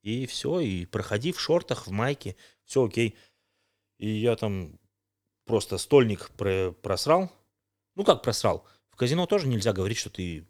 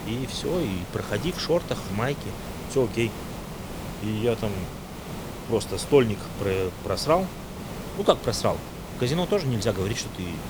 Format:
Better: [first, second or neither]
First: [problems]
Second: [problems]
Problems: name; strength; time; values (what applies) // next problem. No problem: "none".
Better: first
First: none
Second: hiss; loud; throughout; 9 dB below the speech